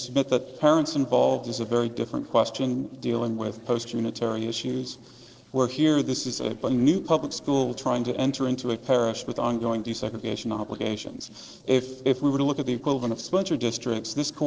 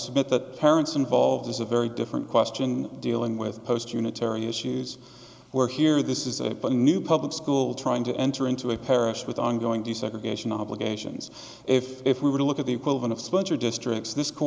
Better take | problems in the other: second | noise reduction (neural separator model SepFormer DNS4)

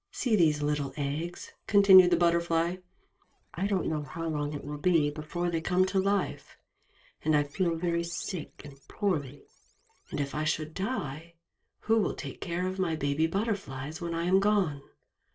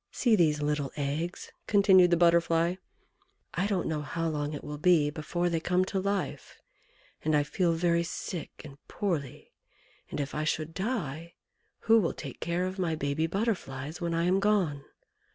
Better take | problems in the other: second | noise reduction (neural separator model SepFormer DNS4)

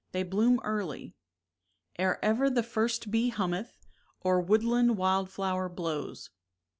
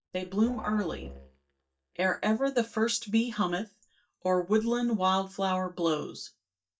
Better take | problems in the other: first | noise reduction (neural mask model DeepFilterNet 3)

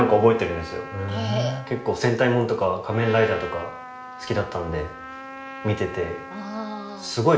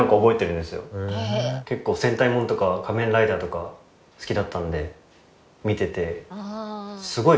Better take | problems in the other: second | background sound (Trumpet); 14 dB below the speech // room echo; dies away in 0.6 s

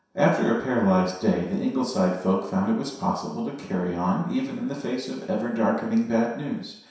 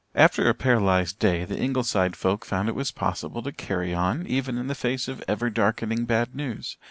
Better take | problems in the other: second | room echo; dies away in 0.7 s

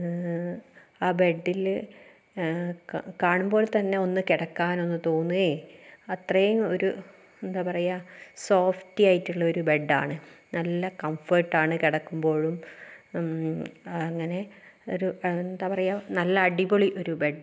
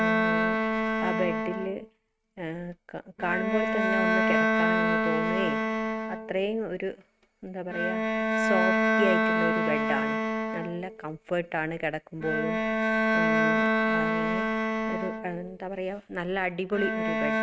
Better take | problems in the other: first | noise reduction (neural mask model RNNoise)

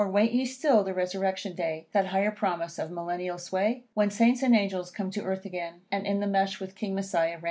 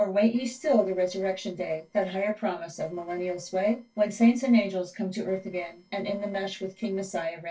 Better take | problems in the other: first | noise reduction (neural separator model SepFormer DNS4)

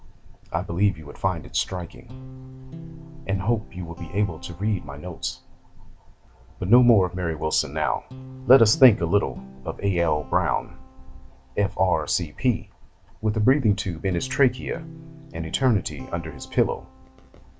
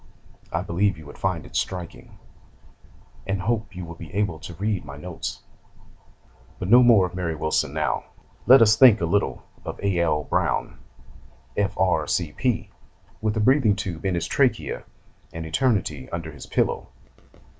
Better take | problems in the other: second | background sound (Guitar); 19 dB below the speech

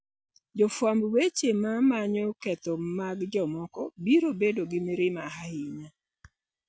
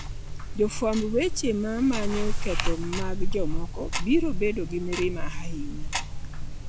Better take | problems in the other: first | background sound (Tick-tock); 2 dB above the speech

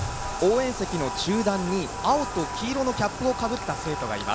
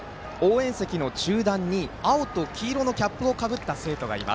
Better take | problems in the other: second | background sound (Bathtub (filling or washing)); 7 dB below the speech

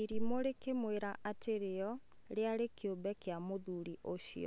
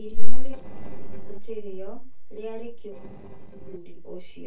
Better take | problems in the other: first | noise reduction (neural separator model SepFormer DNS4)

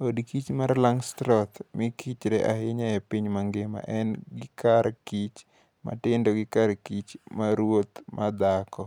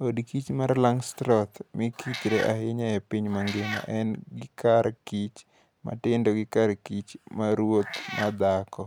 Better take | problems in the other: first | background sound (Meow); 9 dB below the speech

